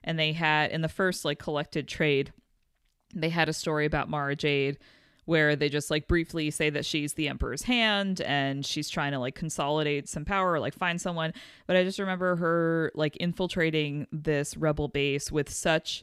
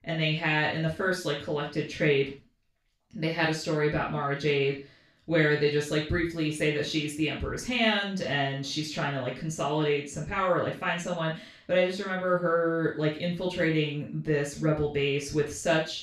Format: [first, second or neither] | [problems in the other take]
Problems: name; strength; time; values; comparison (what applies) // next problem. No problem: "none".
first | room echo; noticeable; dies away in 0.3 s // off-mic speech; far